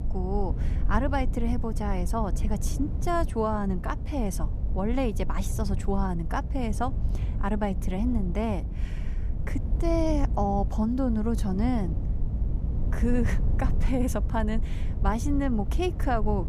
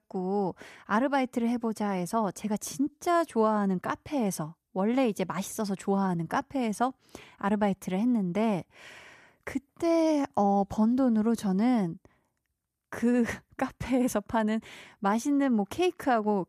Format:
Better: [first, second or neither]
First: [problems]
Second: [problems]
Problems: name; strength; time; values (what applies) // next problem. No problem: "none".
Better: second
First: low rumble; noticeable; throughout; 15 dB below the speech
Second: none